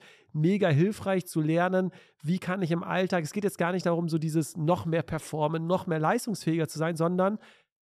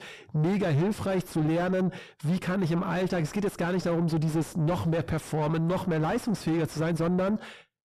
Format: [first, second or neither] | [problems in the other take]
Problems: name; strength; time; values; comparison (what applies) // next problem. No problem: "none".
first | distortion; heavy; 6 dB below the speech